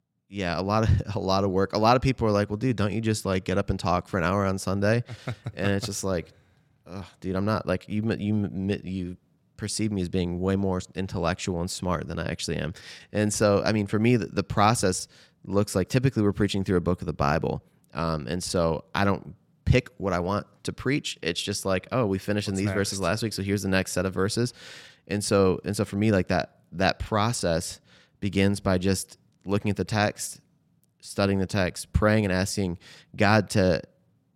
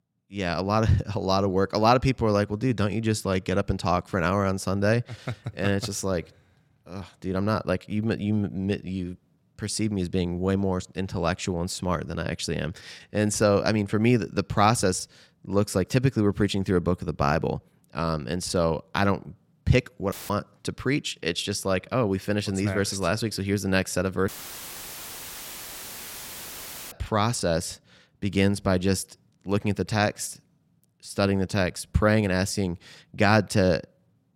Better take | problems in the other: first | audio cutting out; filled with static; at 20 s and at 24 s for 2.5 s

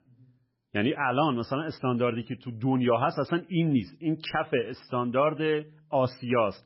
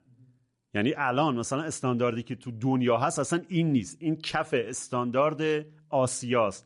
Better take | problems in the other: second | garbled, watery; badly; nothing above 5.5 kHz; slightly in the second

